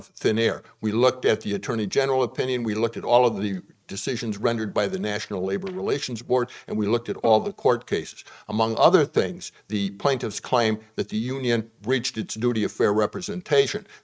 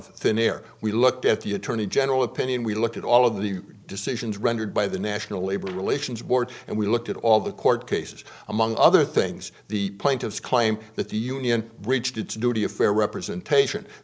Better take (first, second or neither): second